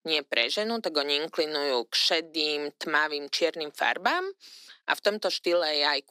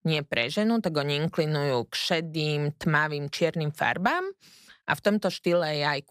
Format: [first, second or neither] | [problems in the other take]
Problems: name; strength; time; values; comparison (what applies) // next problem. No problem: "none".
second | thin; somewhat; fading below 250 Hz